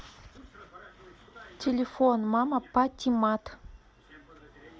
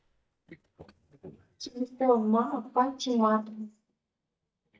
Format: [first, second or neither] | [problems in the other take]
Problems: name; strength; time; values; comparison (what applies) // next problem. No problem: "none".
first | noise reduction (neural mask model DeepFilterNet 3)